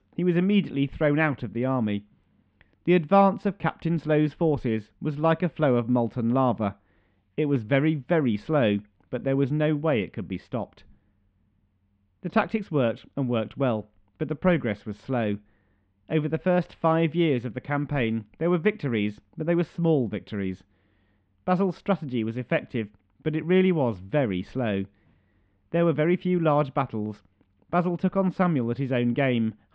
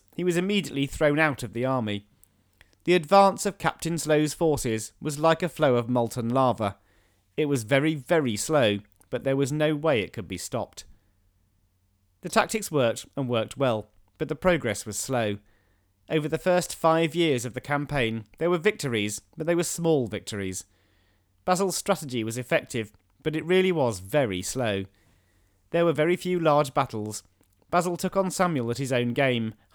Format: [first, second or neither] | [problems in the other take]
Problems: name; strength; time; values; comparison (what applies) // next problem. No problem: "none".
second | muffled; very; fading above 3 kHz